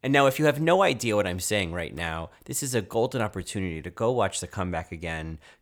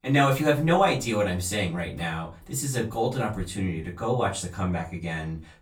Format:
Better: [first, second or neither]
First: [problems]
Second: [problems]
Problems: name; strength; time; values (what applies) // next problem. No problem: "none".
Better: first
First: none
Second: off-mic speech; far // room echo; very slight; dies away in 0.2 s